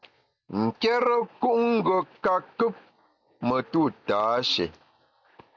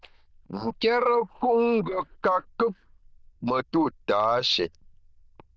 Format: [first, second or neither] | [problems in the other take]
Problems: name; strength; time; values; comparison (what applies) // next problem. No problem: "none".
first | noise reduction (neural diffusion model UNIVERSE++)